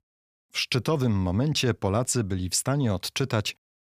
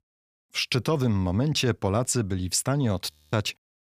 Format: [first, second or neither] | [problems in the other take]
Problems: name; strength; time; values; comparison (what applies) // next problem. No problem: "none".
first | audio freezing; at 3 s